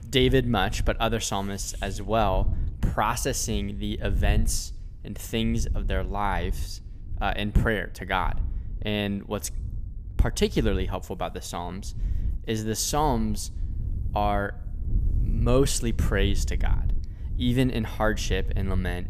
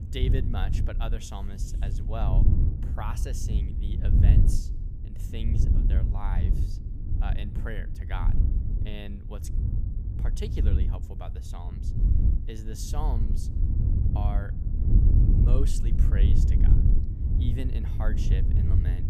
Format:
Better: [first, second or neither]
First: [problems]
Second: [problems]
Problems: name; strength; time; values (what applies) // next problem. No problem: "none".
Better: first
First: wind noise on the microphone; occasional gusts; 20 dB below the speech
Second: wind noise on the microphone; heavy; 1 dB below the speech